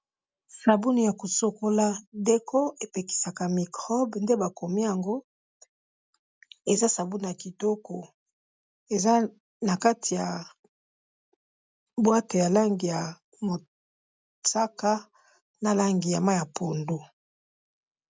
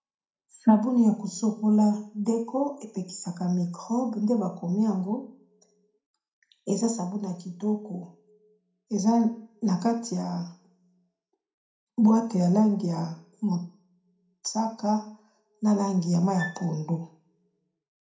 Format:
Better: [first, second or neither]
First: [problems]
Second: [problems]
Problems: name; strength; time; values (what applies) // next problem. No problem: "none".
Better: first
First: none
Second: background sound (Wind instrument, woodwind instrument); 15 dB below the speech // room echo; dies away in 0.4 s